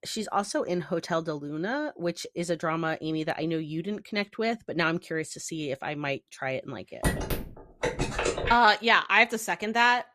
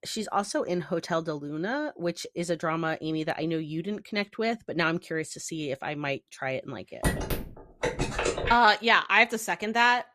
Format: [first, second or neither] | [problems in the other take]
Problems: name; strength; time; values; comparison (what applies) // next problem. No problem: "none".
neither | phone ringing; noticeable; from 7 to 8.5 s; peak 1 dB below the speech; the same in both